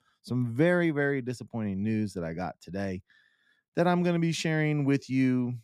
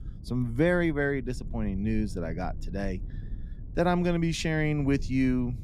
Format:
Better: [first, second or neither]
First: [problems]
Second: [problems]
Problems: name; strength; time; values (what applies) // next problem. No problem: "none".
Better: first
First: none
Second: low rumble; faint; throughout; 25 dB below the speech